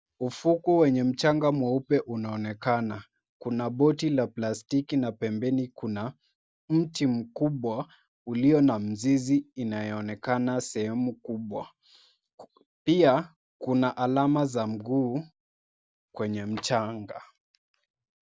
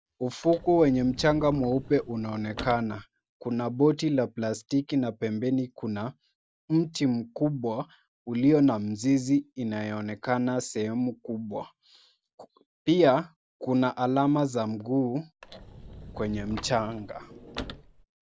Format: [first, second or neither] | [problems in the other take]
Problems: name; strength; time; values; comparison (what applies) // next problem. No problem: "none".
first | background sound (Sliding door / Slam / Wood); 15 dB below the speech